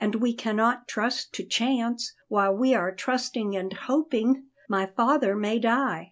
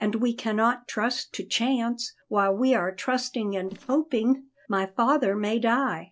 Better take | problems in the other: first | noise reduction (neural separator model SepFormer DNS4)

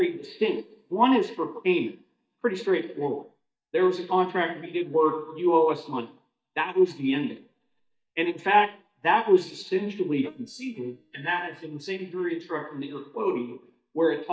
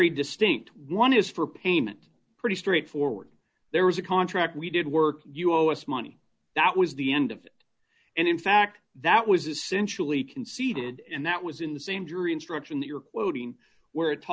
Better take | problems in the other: second | noise reduction (neural mask model DeepFilterNet 3)

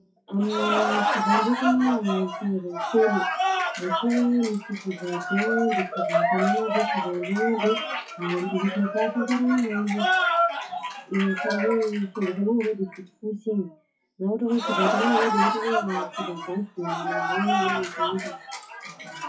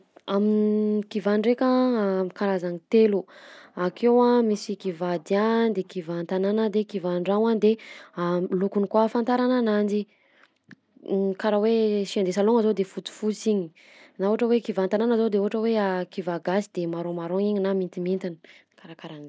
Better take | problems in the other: second | noise reduction (classical method WPE with log-MMSE)

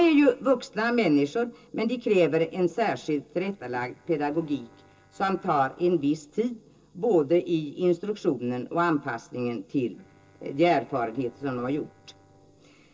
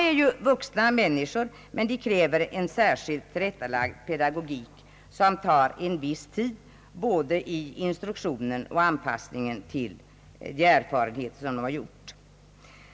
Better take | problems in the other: second | noise reduction (neural separator model SepFormer DNS4)

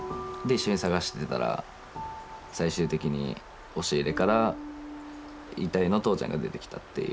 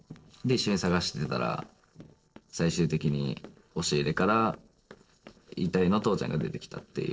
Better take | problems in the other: first | noise reduction (neural separator model SepFormer DNS4)

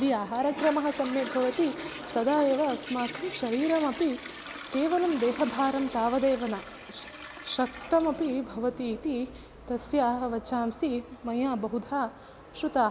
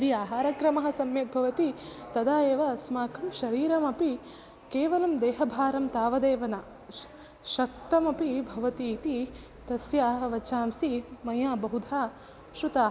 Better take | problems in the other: second | background sound (Toilet flush); 14 dB below the speech

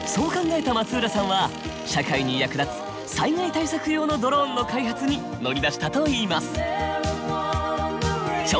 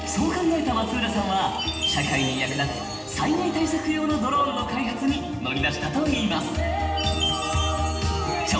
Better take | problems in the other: first | background sound (Chime); 11 dB below the speech // room echo; dies away in 1.2 s

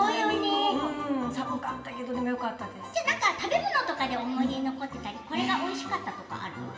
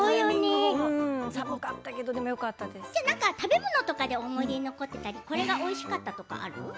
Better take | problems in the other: second | room echo; dies away in 2.2 s

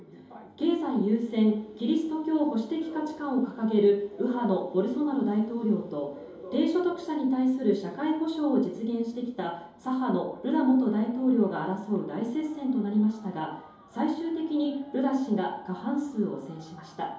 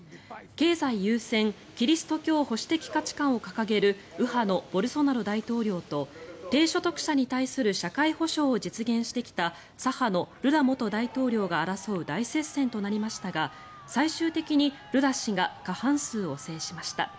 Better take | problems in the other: second | room echo; dies away in 2.8 s

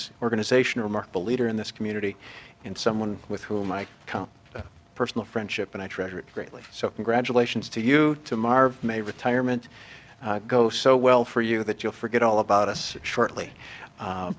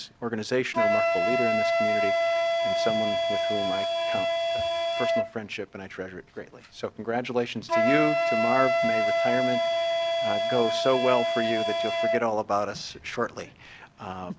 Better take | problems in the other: first | background sound (Wind instrument, woodwind instrument); 4 dB above the speech

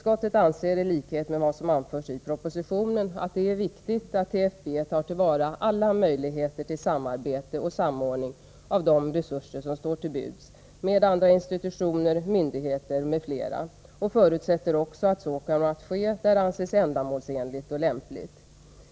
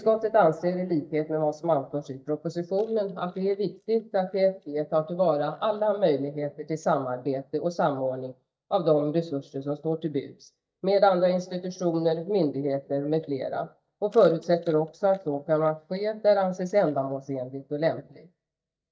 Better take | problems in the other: first | noise reduction (neural mask model DeepFilterNet 3)

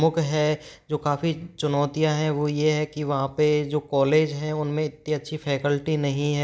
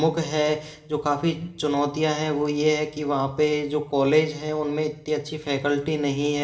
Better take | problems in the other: first | room echo; dies away in 0.6 s

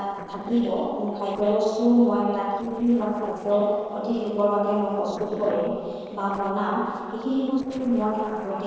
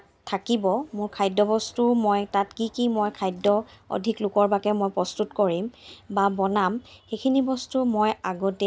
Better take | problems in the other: second | noise reduction (neural separator model SepFormer DNS4)

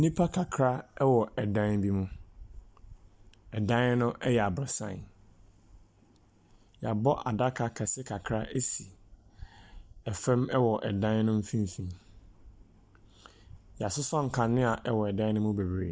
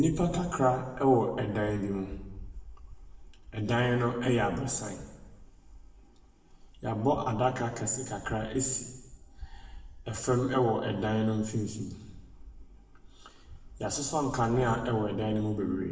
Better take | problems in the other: first | background sound (Guitar); 14 dB below the speech // room echo; dies away in 1 s

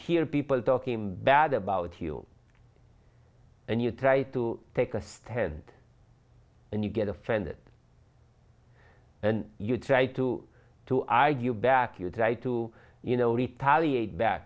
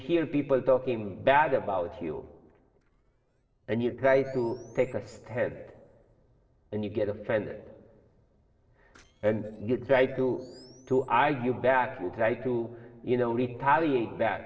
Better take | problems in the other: first | noise reduction (neural separator model SepFormer DNS4)

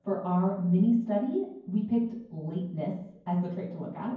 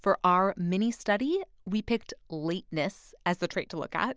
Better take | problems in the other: second | room echo; dies away in 0.9 s

